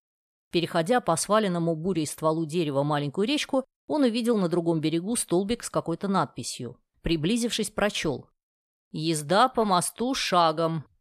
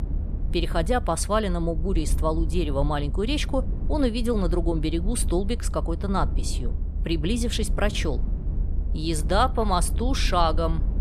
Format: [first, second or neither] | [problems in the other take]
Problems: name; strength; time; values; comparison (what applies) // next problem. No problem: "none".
first | low rumble; noticeable; throughout; 20 dB below the speech